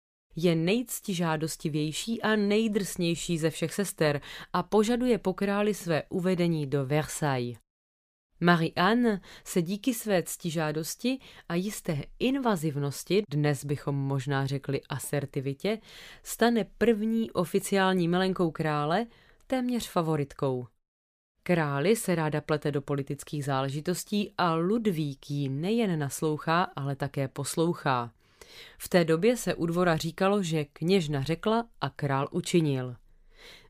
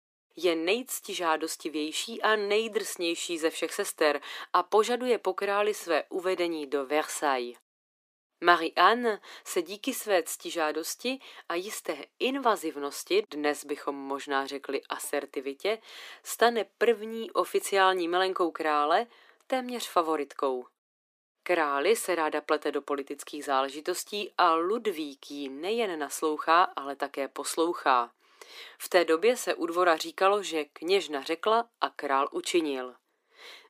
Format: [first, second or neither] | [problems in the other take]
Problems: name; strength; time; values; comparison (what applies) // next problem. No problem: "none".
first | thin; very; fading below 300 Hz